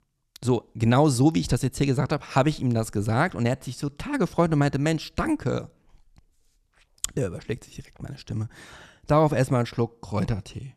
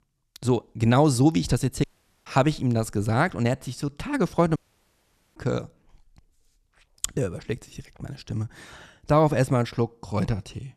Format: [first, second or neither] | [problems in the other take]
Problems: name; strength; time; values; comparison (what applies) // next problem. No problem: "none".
first | audio cutting out; at 2 s and at 4.5 s for 1 s